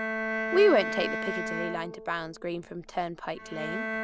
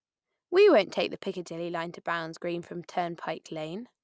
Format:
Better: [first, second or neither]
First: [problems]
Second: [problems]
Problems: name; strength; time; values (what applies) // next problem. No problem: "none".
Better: second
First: background sound (Bowed string instrument); 5 dB below the speech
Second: none